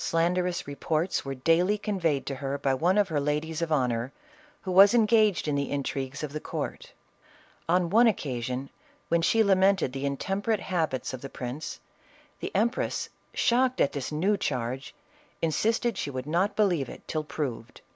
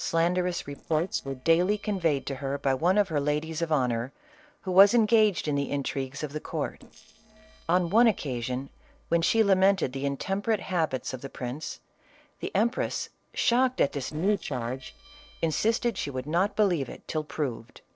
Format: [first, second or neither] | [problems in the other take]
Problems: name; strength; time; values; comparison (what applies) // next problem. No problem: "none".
first | noise reduction (neural separator model SepFormer DNS4)